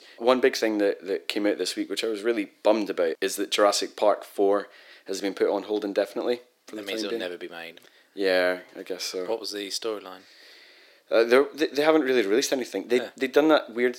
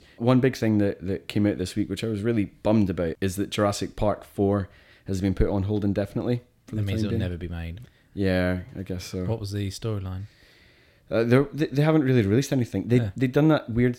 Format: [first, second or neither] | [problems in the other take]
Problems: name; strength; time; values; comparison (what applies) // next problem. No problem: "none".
second | thin; very; fading below 350 Hz